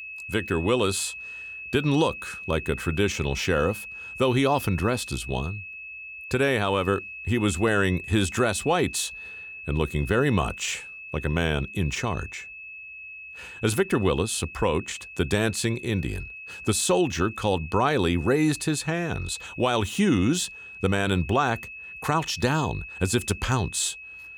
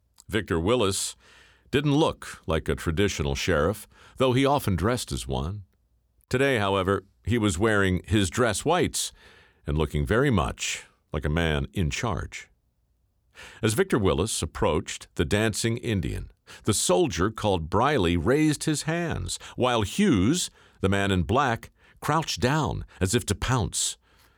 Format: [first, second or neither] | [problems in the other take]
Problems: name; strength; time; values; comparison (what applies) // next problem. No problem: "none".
second | high-pitched whine; noticeable; throughout; 2.5 kHz, 10 dB below the speech